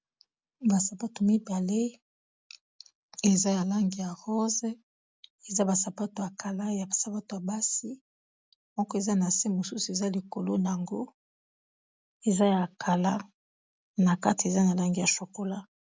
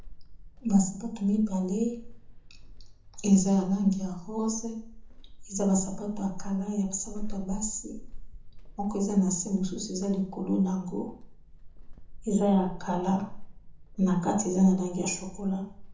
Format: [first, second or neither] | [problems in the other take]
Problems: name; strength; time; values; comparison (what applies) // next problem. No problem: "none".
first | background sound (Squeak / Walk, footsteps); 11 dB below the speech // room echo; dies away in 0.6 s